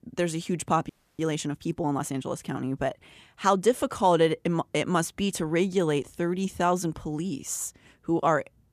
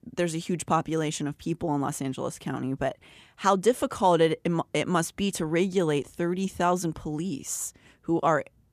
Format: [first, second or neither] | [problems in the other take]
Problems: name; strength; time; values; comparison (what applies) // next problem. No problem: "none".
second | audio freezing; at 1 s